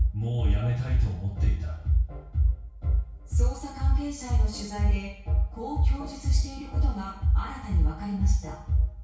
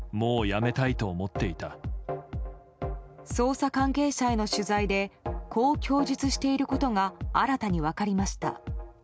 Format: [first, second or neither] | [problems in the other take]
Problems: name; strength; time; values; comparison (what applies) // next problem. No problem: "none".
second | room echo; dies away in 0.6 s